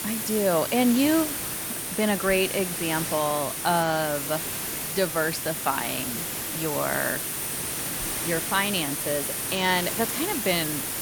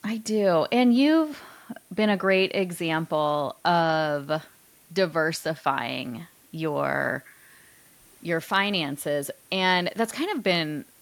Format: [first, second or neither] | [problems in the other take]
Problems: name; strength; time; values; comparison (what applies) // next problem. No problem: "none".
second | hiss; loud; throughout; 2 dB below the speech; faint in the second